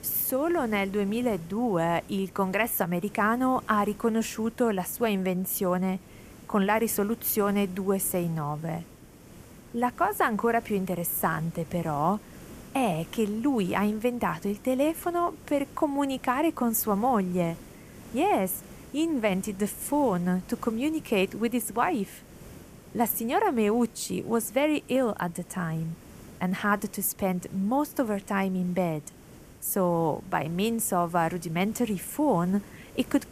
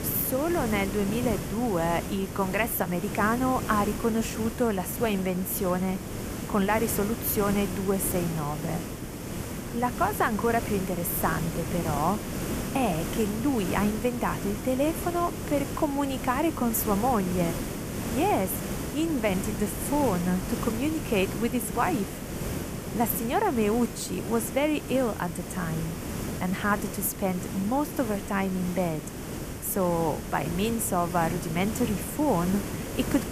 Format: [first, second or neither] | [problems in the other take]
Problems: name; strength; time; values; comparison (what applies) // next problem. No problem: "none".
first | hiss; loud; throughout; 6 dB below the speech; faint in the first